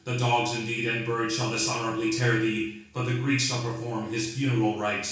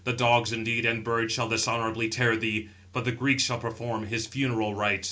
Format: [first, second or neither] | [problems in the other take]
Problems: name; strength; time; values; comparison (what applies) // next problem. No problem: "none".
second | room echo; dies away in 0.6 s